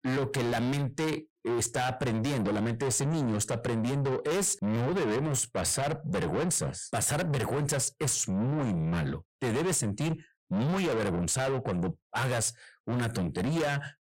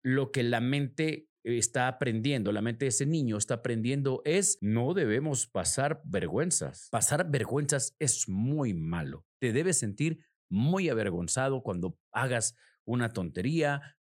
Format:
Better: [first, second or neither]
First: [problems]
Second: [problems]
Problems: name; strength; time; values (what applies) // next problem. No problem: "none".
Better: second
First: distortion; heavy; 6 dB below the speech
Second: none